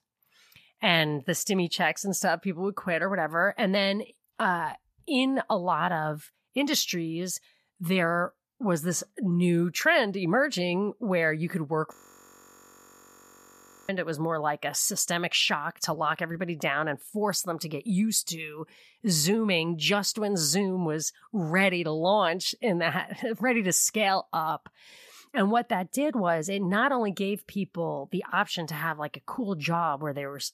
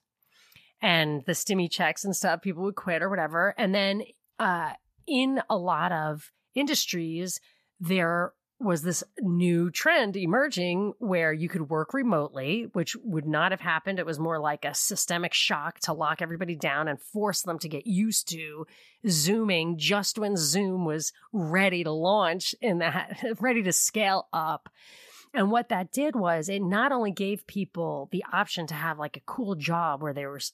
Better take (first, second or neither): second